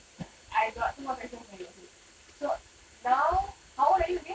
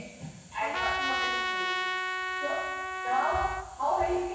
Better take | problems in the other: first | background sound (Trumpet); as loud as the speech // room echo; dies away in 1.1 s

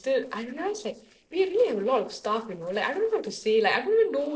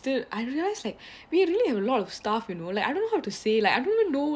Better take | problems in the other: second | noise reduction (neural separator model SepFormer DNS4)

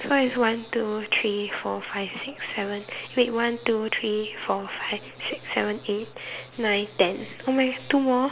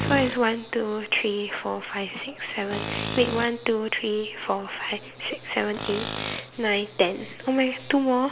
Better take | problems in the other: first | background sound (Tools); 11 dB below the speech

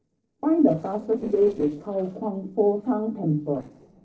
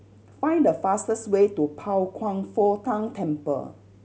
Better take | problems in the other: second | noise reduction (neural separator model SepFormer DNS4)

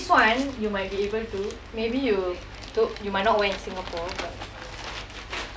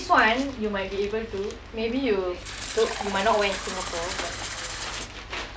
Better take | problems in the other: first | background sound (Fill (with liquid)); 9 dB below the speech

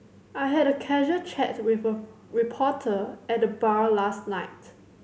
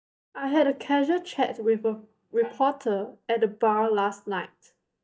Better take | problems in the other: first | noise reduction (neural mask model DeepFilterNet 3)

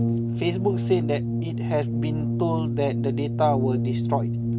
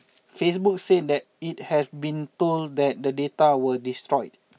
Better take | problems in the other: second | background sound (Brass instrument); 2 dB above the speech

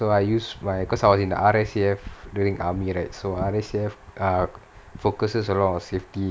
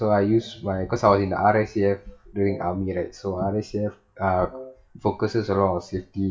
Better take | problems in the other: first | noise reduction (classical method WPE with log-MMSE)

